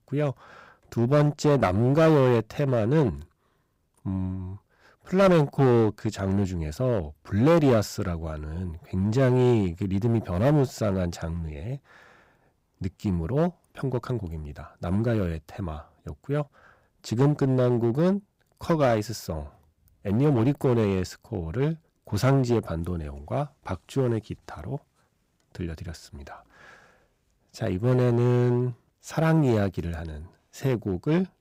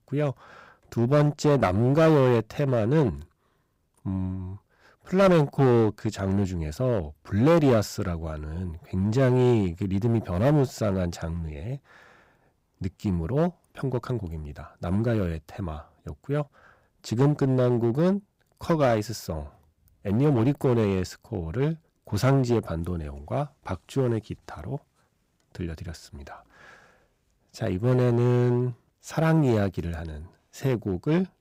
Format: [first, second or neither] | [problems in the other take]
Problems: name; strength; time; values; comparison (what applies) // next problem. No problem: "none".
neither | distortion; slight; 5% of the sound clipped; the same in both